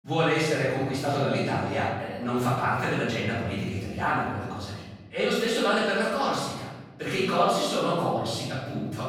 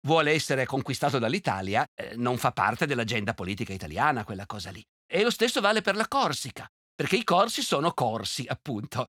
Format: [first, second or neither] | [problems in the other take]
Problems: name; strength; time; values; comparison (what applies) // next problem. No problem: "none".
second | off-mic speech; far // room echo; strong; dies away in 1.2 s